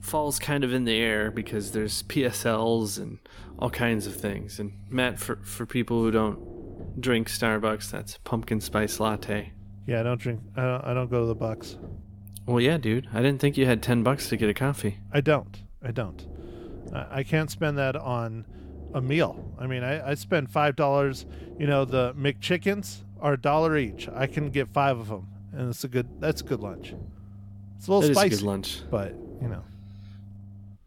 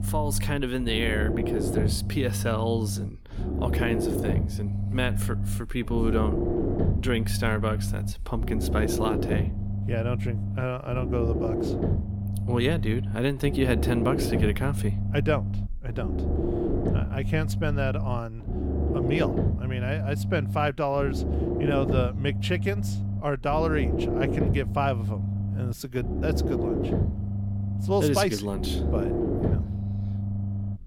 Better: first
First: low rumble; faint; throughout; 25 dB below the speech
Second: low rumble; loud; throughout; 5 dB below the speech

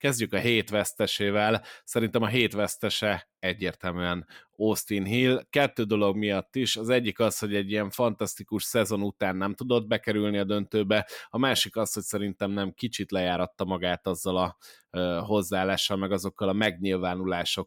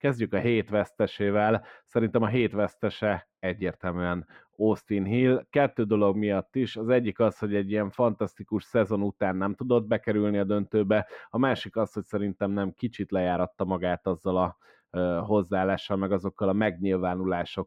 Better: first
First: none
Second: muffled; very; fading above 3.5 kHz

